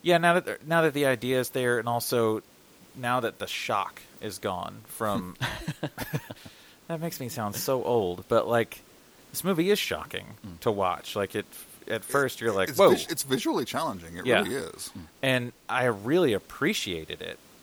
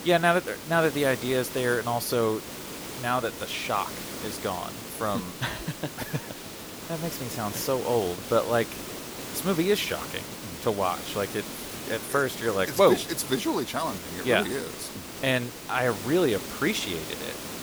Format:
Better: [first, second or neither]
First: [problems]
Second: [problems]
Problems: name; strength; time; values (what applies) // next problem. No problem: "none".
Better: first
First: hiss; faint; throughout; 25 dB below the speech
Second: hiss; loud; throughout; 9 dB below the speech